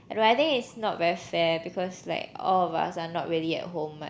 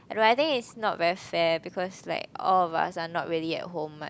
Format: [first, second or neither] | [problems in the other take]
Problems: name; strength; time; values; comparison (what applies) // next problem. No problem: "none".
second | room echo; dies away in 0.6 s